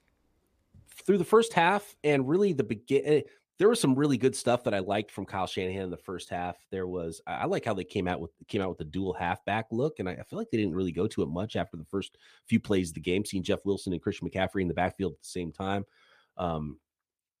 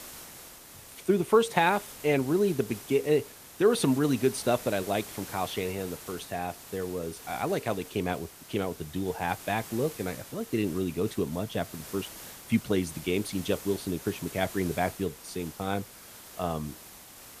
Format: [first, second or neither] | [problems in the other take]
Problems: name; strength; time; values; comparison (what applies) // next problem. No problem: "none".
first | hiss; noticeable; throughout; 15 dB below the speech